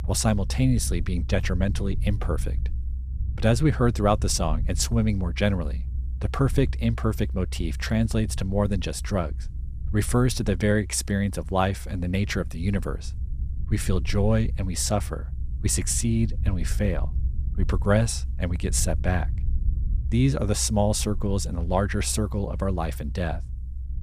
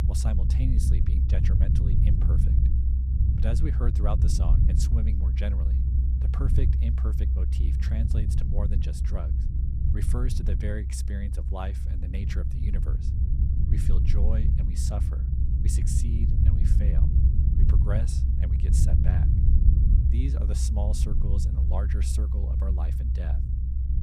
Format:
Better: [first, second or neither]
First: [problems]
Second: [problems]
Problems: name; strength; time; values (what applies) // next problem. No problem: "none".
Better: first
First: low rumble; faint; throughout; 20 dB below the speech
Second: low rumble; loud; throughout; as loud as the speech